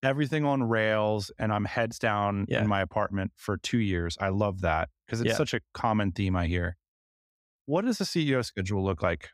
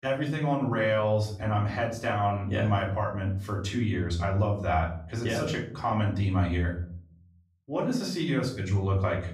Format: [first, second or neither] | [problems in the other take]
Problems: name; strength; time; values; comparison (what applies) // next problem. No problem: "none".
first | off-mic speech; far // room echo; slight; dies away in 0.6 s